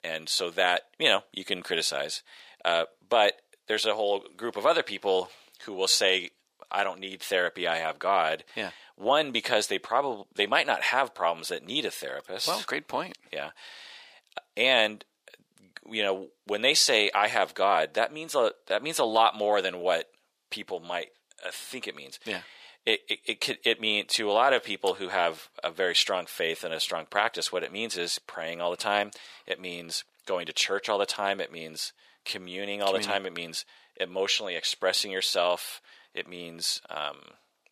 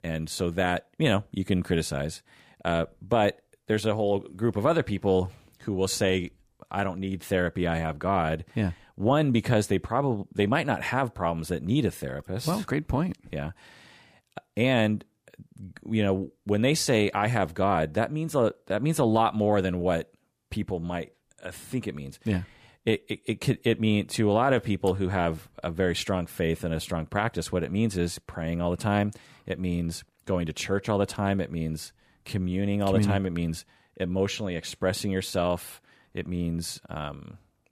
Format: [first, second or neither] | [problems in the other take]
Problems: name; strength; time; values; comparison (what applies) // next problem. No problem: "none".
second | thin; very; fading below 600 Hz